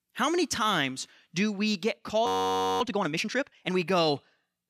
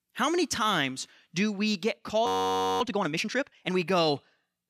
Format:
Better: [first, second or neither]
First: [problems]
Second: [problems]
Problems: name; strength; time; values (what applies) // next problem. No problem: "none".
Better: neither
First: audio freezing; at 2.5 s for 0.5 s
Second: audio freezing; at 2.5 s for 0.5 s